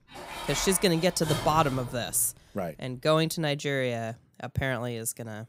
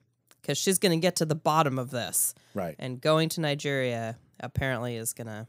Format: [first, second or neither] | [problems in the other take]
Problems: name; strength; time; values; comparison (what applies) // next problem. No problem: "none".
second | clattering dishes; noticeable; until 2.5 s; peak 5 dB below the speech